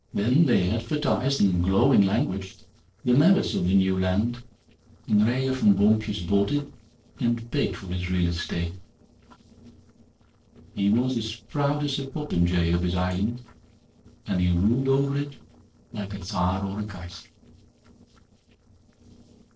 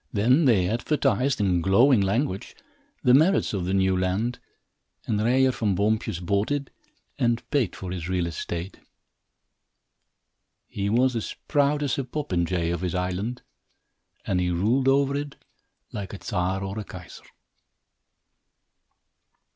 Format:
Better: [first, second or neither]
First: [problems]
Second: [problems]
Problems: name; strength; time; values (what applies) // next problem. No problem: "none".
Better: second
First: noise reduction (neural separator model SepFormer DNS4)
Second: none